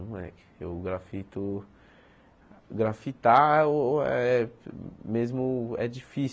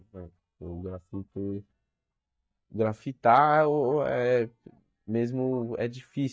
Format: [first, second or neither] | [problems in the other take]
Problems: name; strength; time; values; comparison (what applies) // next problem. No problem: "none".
first | noise reduction (neural mask model DeepFilterNet 3)